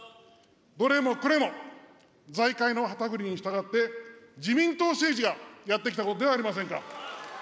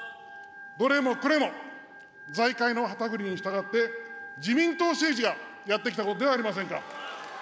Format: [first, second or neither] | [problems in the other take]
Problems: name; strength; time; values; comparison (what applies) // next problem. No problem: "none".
first | background sound (Organ); 15 dB below the speech